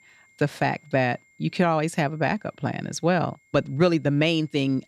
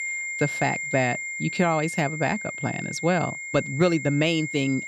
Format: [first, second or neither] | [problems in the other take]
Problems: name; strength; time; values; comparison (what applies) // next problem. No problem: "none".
first | high-pitched whine; loud; throughout; 2 kHz, 5 dB below the speech; faint in the first